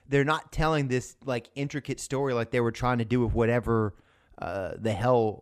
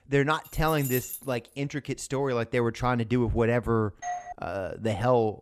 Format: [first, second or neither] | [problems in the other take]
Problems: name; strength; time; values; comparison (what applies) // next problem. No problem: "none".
first | jangling keys; noticeable; at 0.5 s; peak 6 dB below the speech // doorbell; noticeable; at 4 s; peak 8 dB below the speech